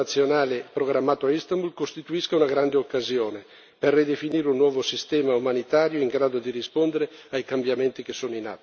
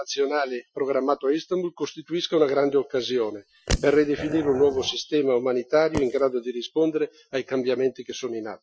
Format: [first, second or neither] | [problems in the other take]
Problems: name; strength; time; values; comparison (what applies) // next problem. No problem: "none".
first | noise reduction (classical method Wiener filter)